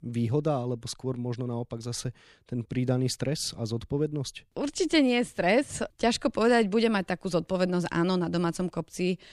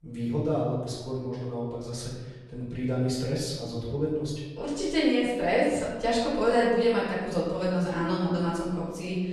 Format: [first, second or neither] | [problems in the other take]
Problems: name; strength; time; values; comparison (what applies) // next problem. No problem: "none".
first | off-mic speech; far // room echo; noticeable; dies away in 1 s